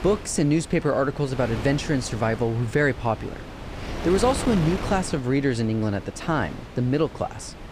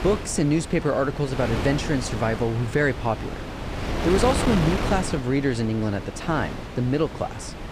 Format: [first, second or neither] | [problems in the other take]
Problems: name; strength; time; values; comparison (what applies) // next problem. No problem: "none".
first | wind noise on the microphone; heavy; 6 dB below the speech; occasional gusts in the first